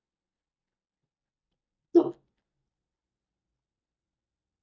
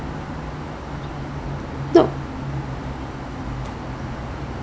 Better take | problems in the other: second | noise reduction (neural mask model DeepFilterNet 3)

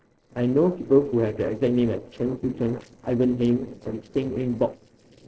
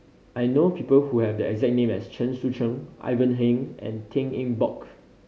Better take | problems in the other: second | noise reduction (neural separator model SepFormer DNS4)

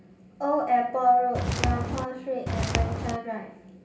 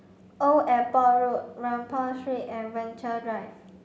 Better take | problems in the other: second | background sound (Walk, footsteps); as loud as the speech // room echo; dies away in 0.3 s

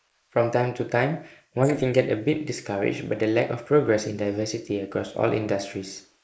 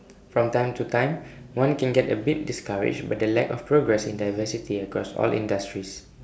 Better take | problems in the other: second | noise reduction (neural mask model Resemble Enhance denoiser)

